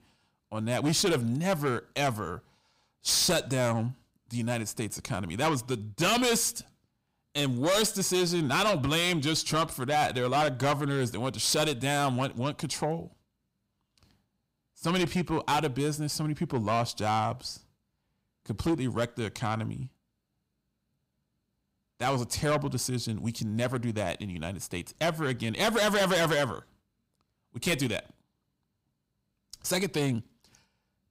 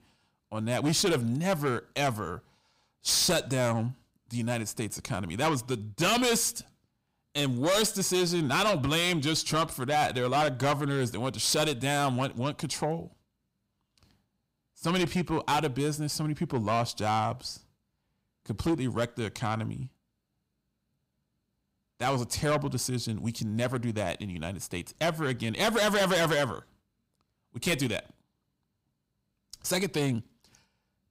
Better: neither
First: distortion; heavy; 6 dB below the speech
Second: distortion; heavy; 6 dB below the speech

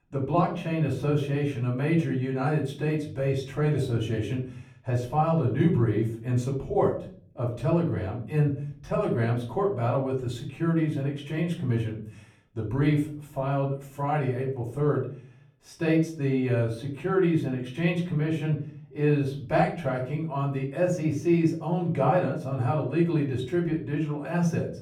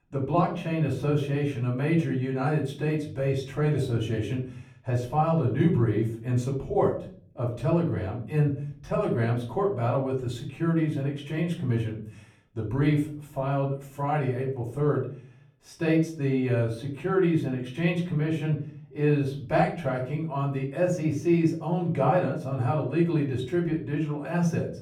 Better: neither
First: off-mic speech; far // room echo; slight; dies away in 0.5 s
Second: off-mic speech; far // room echo; slight; dies away in 0.5 s

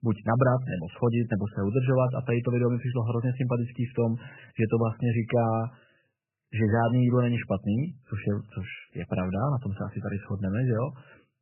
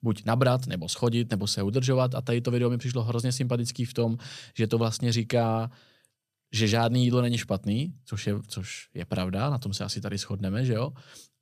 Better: second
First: garbled, watery; badly; nothing above 3 kHz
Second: none

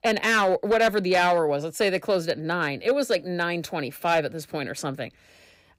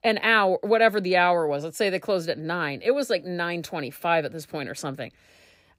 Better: second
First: distortion; slight; 4% of the sound clipped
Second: none

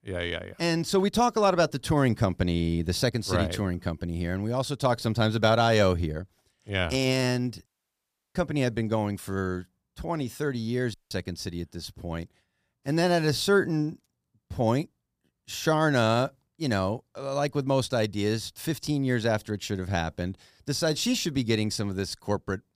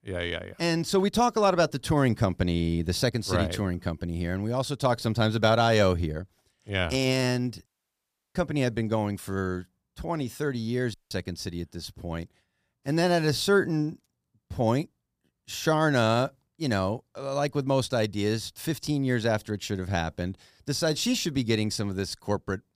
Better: neither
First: audio cutting out; at 7.5 s for 0.5 s and at 11 s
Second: audio cutting out; at 7.5 s for 0.5 s and at 11 s

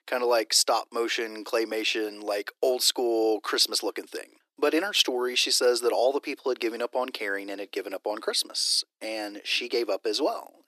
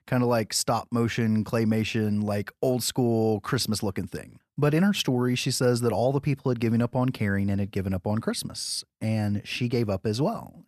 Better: second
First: thin; very; fading below 300 Hz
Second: none

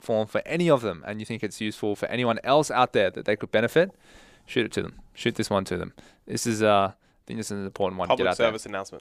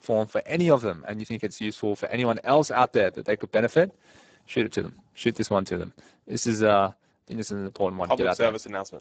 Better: first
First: none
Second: garbled, watery; badly; nothing above 7.5 kHz

